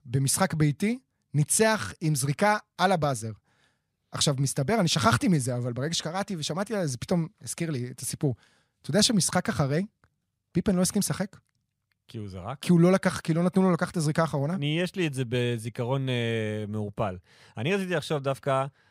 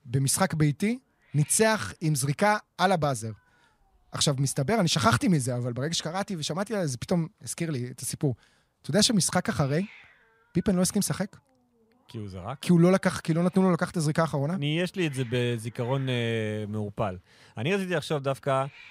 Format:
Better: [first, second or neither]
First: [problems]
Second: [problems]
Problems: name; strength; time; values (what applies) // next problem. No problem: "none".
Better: first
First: none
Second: hiss; faint; throughout; 25 dB below the speech